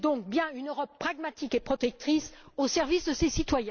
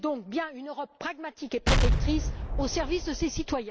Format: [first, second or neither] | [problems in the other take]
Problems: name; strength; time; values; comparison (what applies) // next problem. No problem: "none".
first | background sound (Explosion); 5 dB above the speech